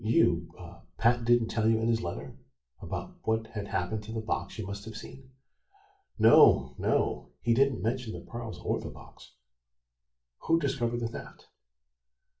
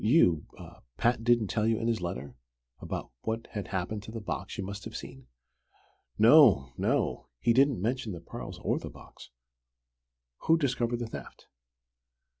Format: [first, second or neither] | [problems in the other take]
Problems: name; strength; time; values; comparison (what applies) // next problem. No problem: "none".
second | room echo; dies away in 0.3 s